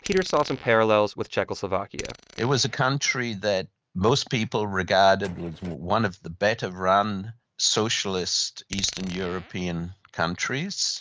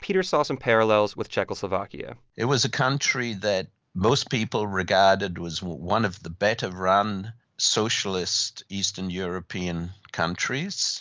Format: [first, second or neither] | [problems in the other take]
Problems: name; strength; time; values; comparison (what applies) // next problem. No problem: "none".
second | noise reduction (neural mask model RNNoise)